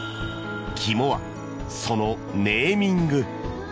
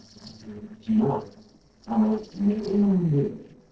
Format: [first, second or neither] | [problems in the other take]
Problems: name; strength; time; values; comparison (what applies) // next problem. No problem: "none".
first | noise reduction (neural separator model SepFormer DNS4)